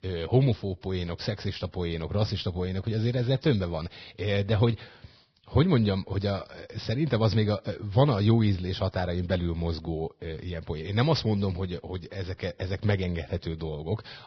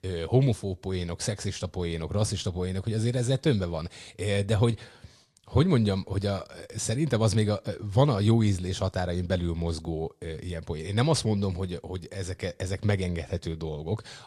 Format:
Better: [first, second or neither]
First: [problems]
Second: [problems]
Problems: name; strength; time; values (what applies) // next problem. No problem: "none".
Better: second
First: garbled, watery; badly; nothing above 5.5 kHz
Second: garbled, watery; slightly